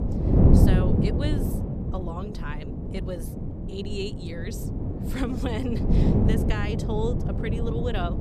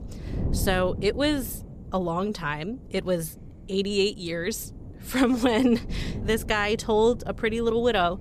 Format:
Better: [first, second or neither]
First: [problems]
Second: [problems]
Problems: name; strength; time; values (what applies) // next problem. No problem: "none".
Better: second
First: wind noise on the microphone; heavy; 1 dB above the speech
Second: wind noise on the microphone; occasional gusts; 20 dB below the speech